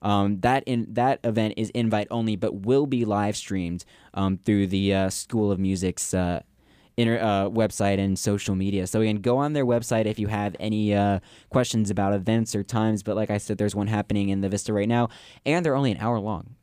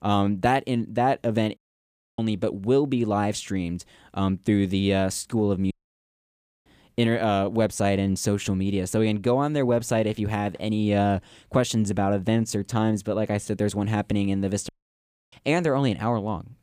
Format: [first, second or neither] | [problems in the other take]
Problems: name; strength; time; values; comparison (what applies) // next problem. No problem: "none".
first | audio cutting out; at 1.5 s for 0.5 s, at 5.5 s for 1 s and at 15 s for 0.5 s